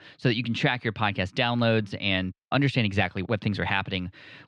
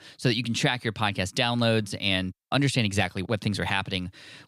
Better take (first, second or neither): second